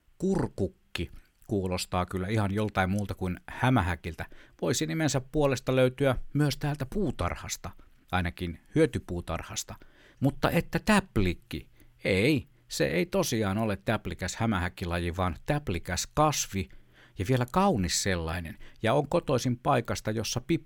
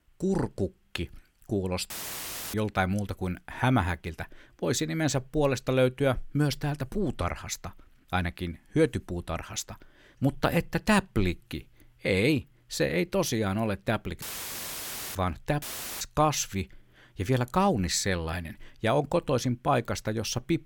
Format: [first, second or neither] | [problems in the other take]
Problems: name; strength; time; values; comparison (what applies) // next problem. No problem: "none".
first | audio cutting out; filled with static; at 2 s for 0.5 s, at 14 s for 1 s and at 16 s